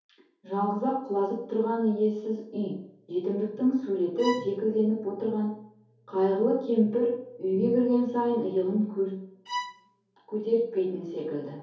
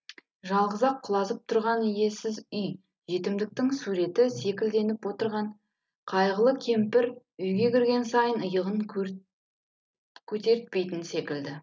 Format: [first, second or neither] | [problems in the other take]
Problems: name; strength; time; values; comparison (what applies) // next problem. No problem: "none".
second | background sound (Bowed string instrument); 10 dB below the speech // room echo; dies away in 2.4 s